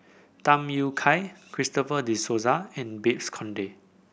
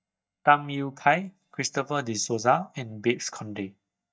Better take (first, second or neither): first